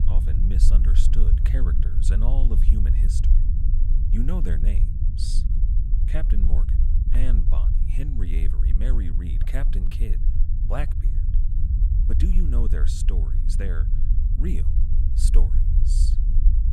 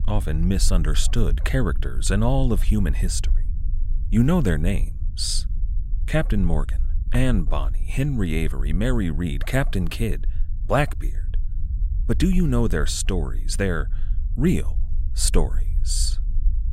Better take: second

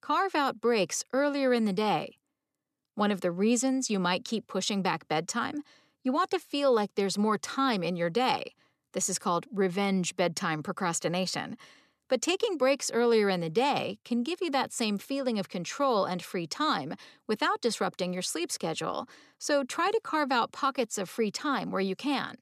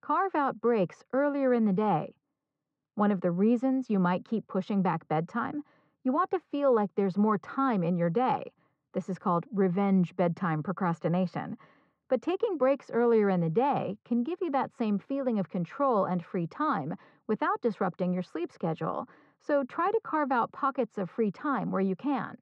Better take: first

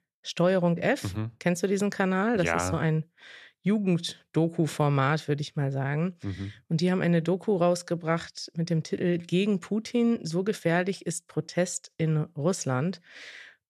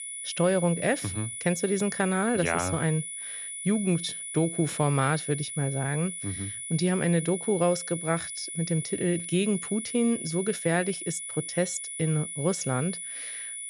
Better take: first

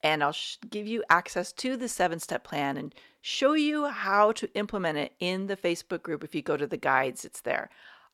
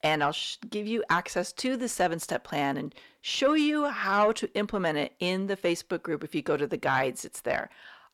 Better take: first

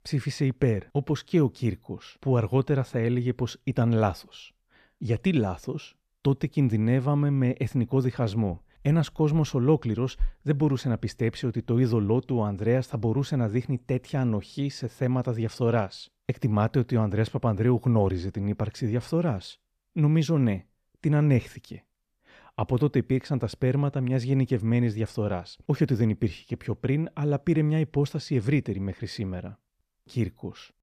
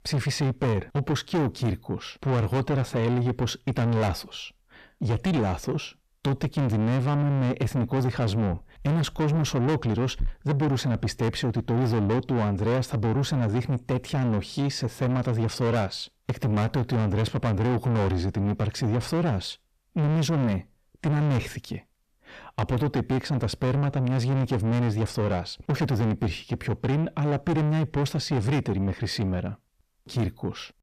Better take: first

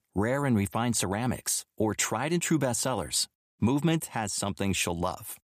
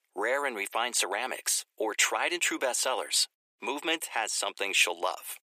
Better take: first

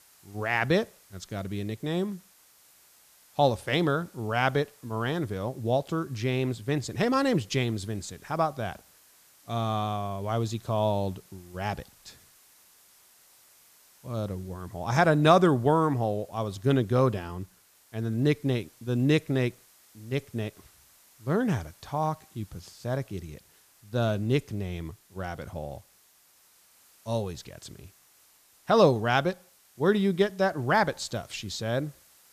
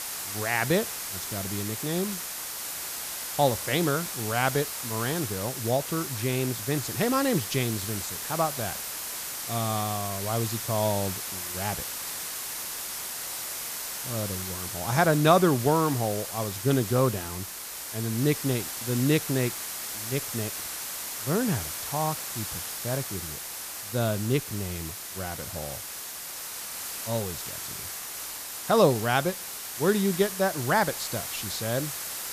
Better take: first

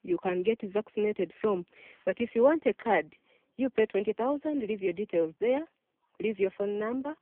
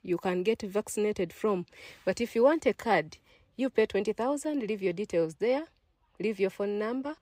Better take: second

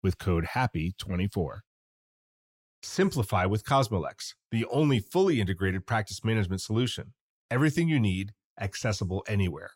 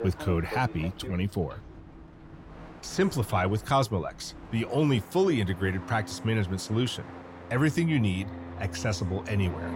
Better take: first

